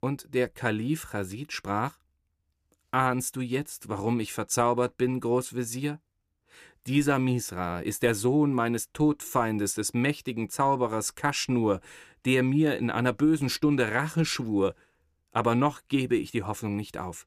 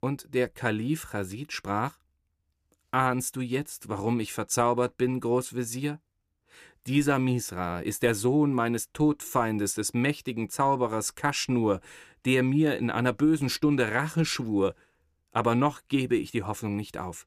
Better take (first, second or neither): neither